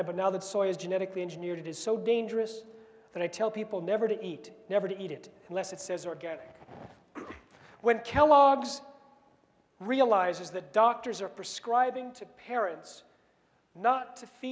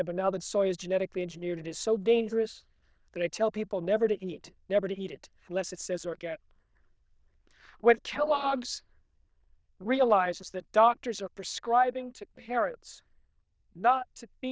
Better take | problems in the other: first | noise reduction (neural diffusion model UNIVERSE++)

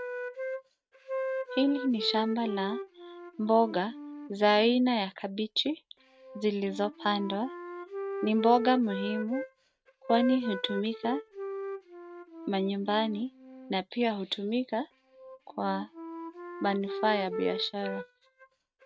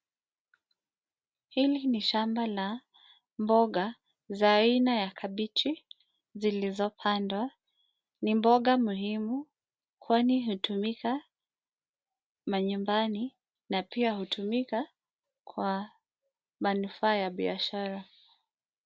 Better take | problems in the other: second | noise reduction (neural mask model RNNoise)

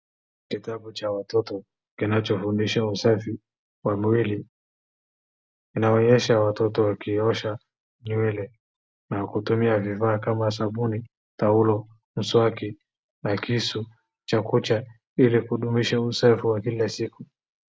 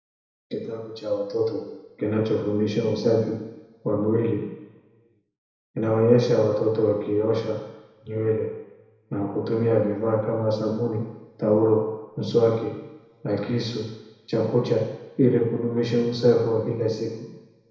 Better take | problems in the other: first | room echo; dies away in 0.9 s

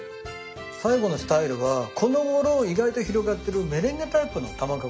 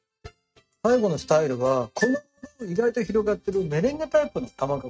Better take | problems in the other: first | noise reduction (neural mask model RNNoise)

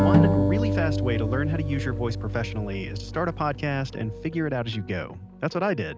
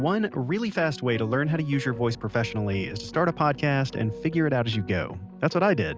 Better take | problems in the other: second | background sound (Acoustic guitar + Snare drum); 2 dB above the speech

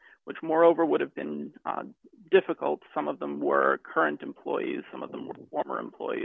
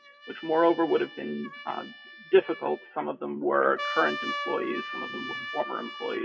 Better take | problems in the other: first | noise reduction (classical method WPE with log-MMSE)

